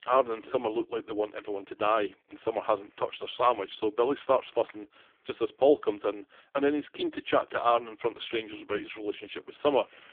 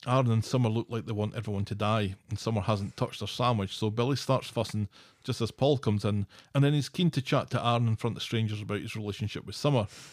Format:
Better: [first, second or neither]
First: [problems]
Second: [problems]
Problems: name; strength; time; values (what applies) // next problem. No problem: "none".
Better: second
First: phone-call audio; poor line; nothing above 3.5 kHz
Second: none